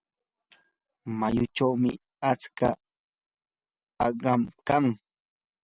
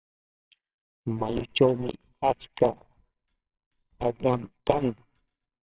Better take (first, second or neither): first